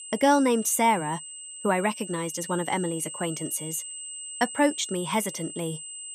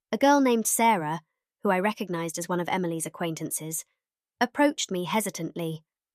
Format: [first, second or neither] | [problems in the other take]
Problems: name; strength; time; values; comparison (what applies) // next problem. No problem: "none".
second | high-pitched whine; loud; throughout; 8 kHz, 10 dB below the speech